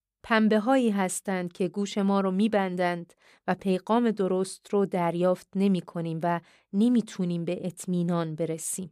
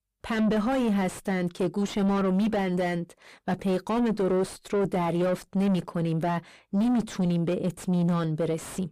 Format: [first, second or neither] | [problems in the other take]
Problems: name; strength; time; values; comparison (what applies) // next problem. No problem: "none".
first | distortion; heavy; 6 dB below the speech